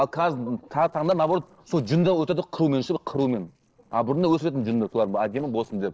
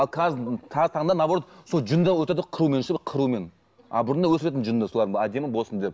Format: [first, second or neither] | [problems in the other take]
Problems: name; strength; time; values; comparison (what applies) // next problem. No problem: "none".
second | noise reduction (neural separator model SepFormer DNS4)